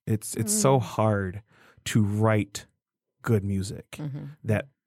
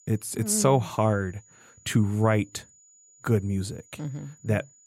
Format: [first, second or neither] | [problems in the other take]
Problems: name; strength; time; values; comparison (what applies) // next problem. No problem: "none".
first | high-pitched whine; faint; throughout; 7 kHz, 30 dB below the speech